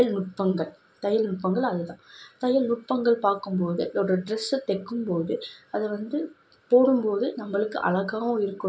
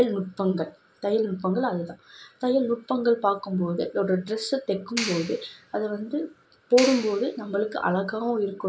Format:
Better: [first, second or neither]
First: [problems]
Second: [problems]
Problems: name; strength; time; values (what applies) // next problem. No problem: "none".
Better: first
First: none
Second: background sound (Clapping); 11 dB below the speech